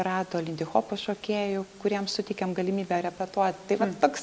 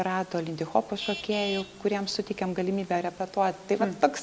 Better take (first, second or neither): first